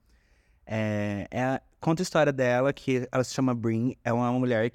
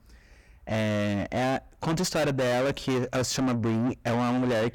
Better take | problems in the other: first | distortion; heavy; 6 dB below the speech

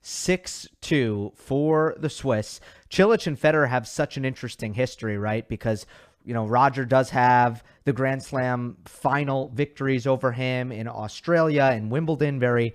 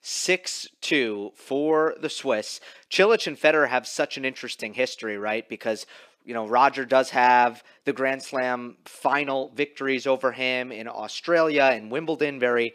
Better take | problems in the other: first | thin; somewhat; fading below 300 Hz

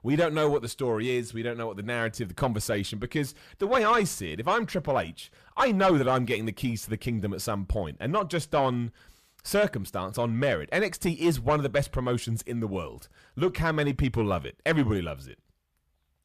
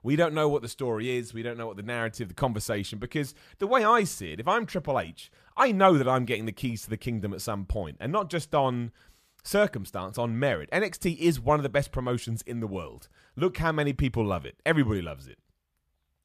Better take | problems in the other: second | distortion; slight; 10 dB below the speech

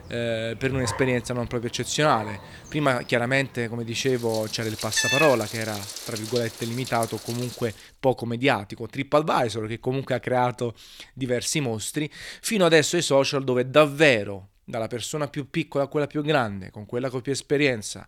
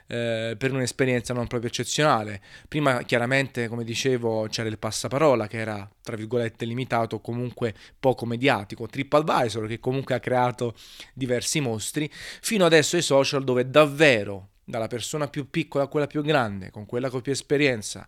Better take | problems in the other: second | animal sounds; loud; until 7.5 s; 6 dB below the speech

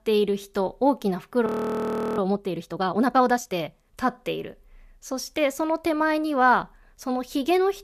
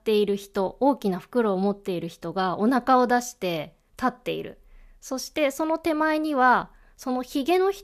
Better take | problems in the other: second | audio freezing; at 1.5 s for 0.5 s

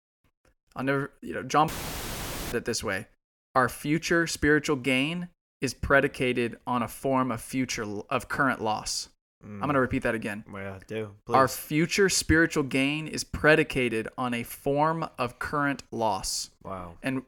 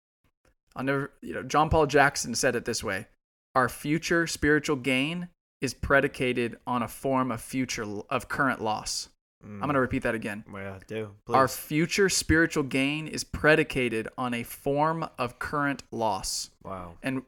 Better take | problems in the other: second | audio cutting out; filled with static; at 1.5 s for 1 s

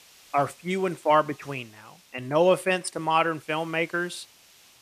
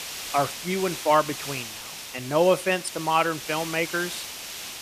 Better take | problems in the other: first | hiss; loud; throughout; 9 dB below the speech; faint in the first

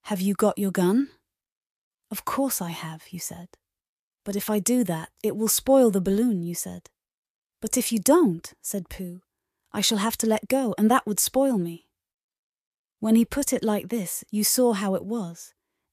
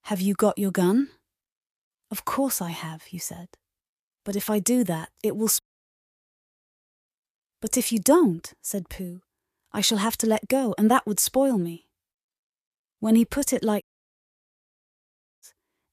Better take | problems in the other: first | audio cutting out; at 5.5 s for 1.5 s and at 14 s for 1.5 s

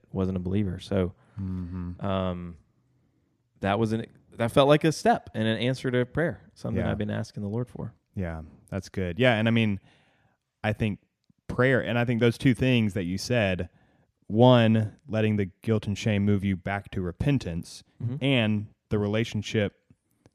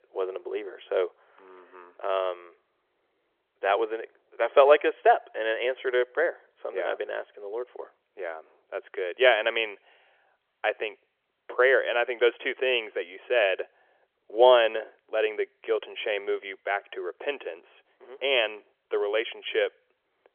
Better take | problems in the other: first | phone-call audio; nothing above 3.5 kHz

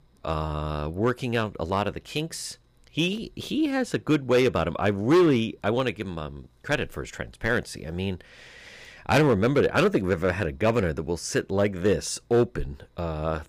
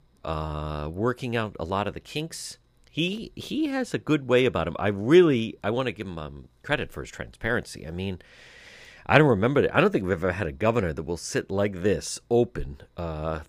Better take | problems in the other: second | distortion; slight; 3% of the sound clipped

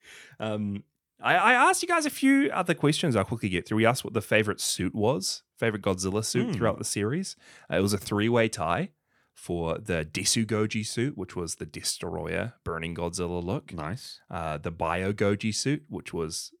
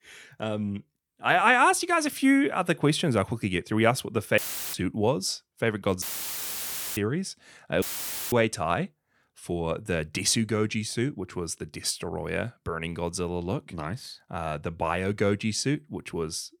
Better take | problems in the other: first | audio cutting out; filled with static; at 4.5 s, at 6 s for 1 s and at 8 s for 0.5 s

